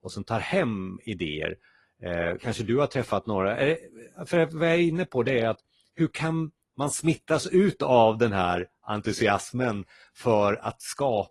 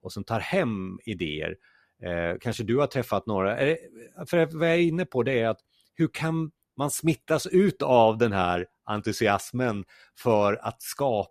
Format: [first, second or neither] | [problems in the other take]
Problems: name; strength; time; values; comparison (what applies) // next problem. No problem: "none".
second | garbled, watery; slightly